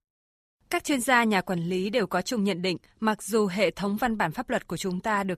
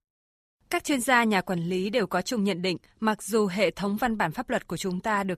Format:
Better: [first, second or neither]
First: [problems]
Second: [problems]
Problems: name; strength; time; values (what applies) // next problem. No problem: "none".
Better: neither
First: none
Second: none